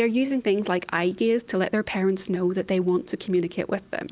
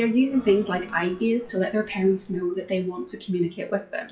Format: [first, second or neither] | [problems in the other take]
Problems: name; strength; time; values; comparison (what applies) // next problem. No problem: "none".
first | noise reduction (classical method WPE with log-MMSE)